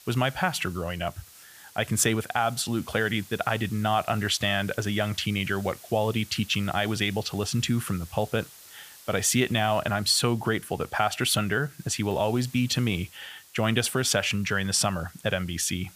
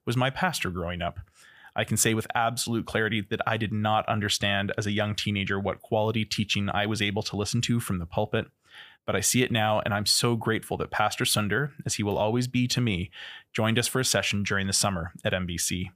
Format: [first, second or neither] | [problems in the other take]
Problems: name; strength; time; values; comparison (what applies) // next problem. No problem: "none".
second | hiss; faint; throughout; 20 dB below the speech